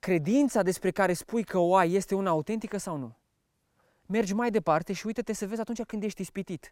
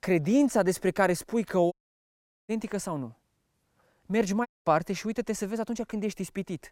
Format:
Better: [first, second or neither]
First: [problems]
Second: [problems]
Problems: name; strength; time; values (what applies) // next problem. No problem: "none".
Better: first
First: none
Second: audio cutting out; at 1.5 s for 1 s and at 4.5 s